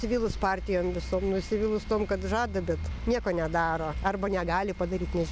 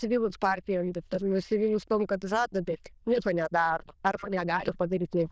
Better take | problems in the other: first | noise reduction (neural diffusion model UNIVERSE++)

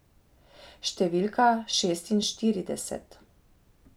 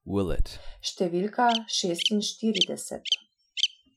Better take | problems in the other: first | noise reduction (classical method Wiener filter)

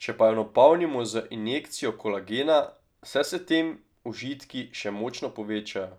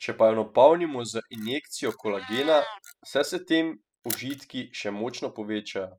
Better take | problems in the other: first | noise reduction (classical method spectral subtraction)

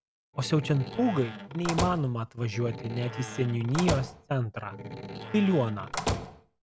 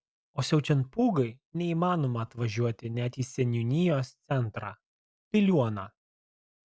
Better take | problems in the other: second | background sound (Slam); 7 dB below the speech

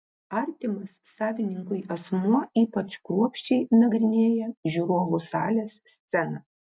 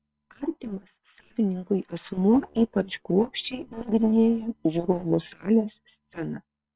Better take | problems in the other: first | noise reduction (neural separator model SepFormer WHAM!)

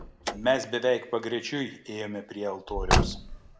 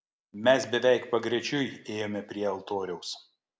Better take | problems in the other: second | background sound (Car); 1 dB below the speech

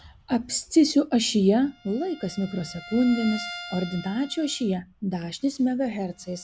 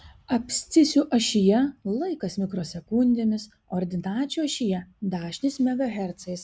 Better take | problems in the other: second | background sound (Bowed string instrument); 18 dB below the speech

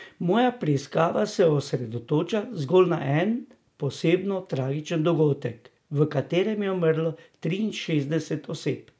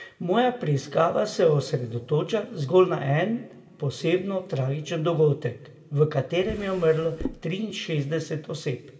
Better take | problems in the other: first | background sound (Drawer open or close); 11 dB below the speech // room echo; dies away in 1.4 s

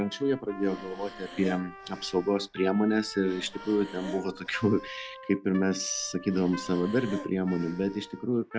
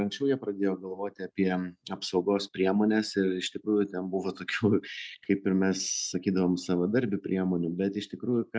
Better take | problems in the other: second | background sound (Breathing + Trumpet); 15 dB below the speech

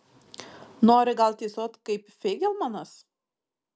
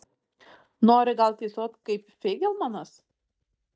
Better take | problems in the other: first | noise reduction (neural mask model DeepFilterNet 3)

